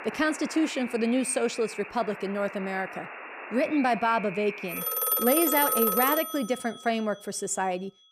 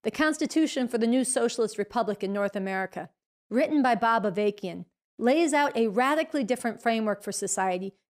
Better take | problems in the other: second | alarms or sirens; loud; throughout; 3 dB below the speech

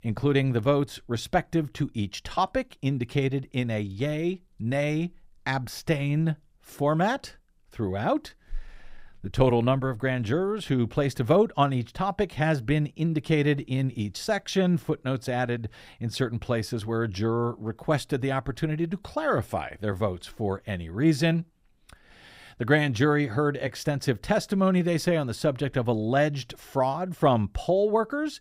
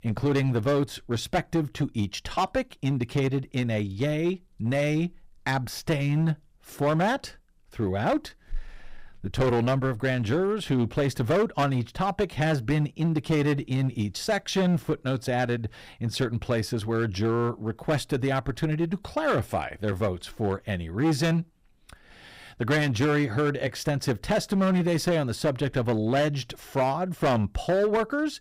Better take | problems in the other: first | distortion; slight; 9% of the sound clipped

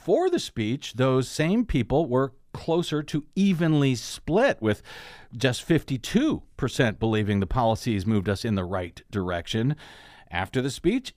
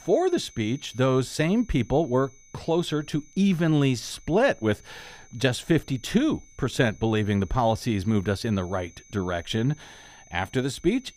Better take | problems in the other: first | high-pitched whine; faint; throughout; 6 kHz, 25 dB below the speech

